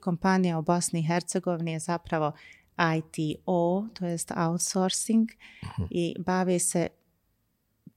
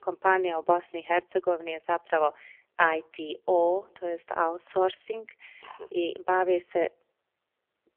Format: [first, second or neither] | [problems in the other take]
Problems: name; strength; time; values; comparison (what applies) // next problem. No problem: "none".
first | phone-call audio; poor line; nothing above 3.5 kHz